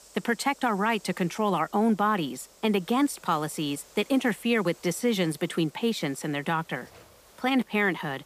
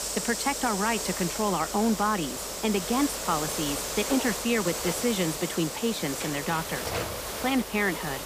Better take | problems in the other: first | hiss; loud; throughout; 3 dB below the speech; faint in the first

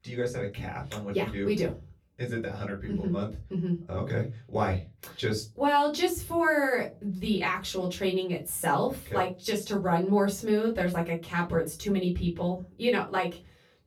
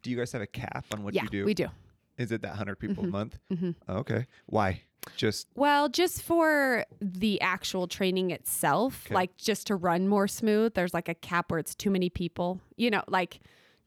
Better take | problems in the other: second | off-mic speech; far // room echo; very slight; dies away in 0.2 s

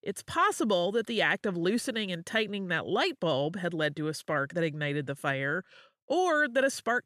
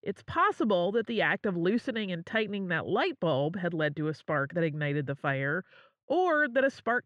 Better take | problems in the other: first | muffled; slightly; fading above 2.5 kHz

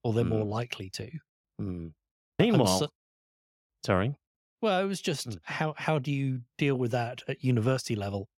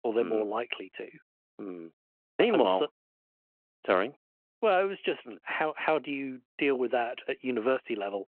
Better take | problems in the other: first | phone-call audio

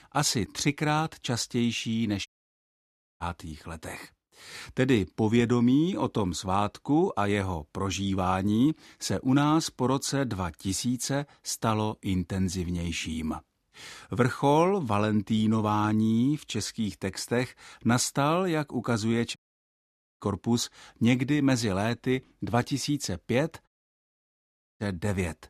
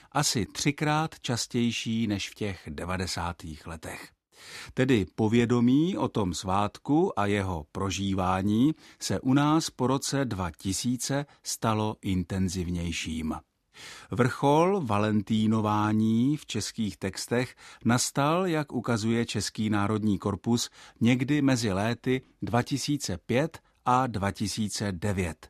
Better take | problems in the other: second | audio cutting out; at 2.5 s for 1 s, at 19 s for 1 s and at 24 s for 1 s

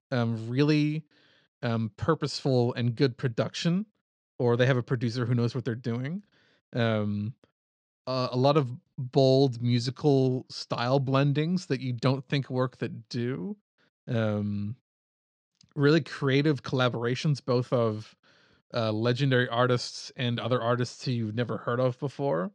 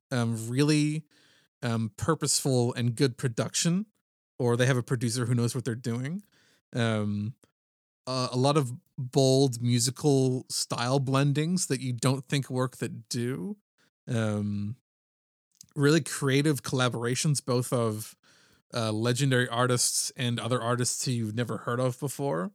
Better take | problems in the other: second | muffled; slightly; fading above 4.5 kHz

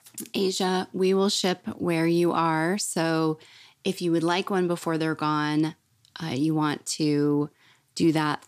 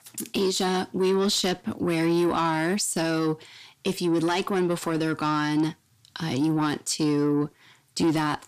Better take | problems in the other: first | distortion; slight; 10 dB below the speech

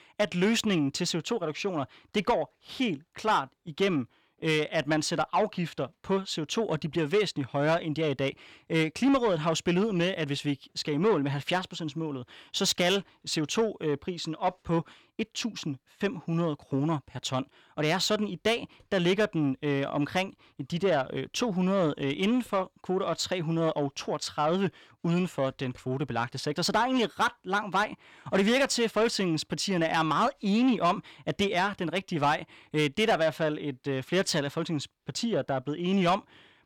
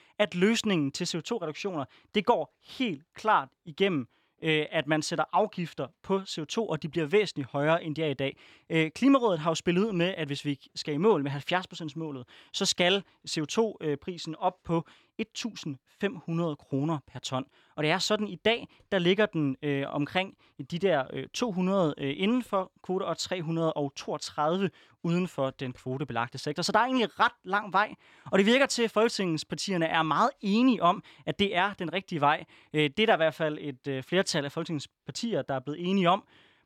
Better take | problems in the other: second | distortion; slight; 10 dB below the speech

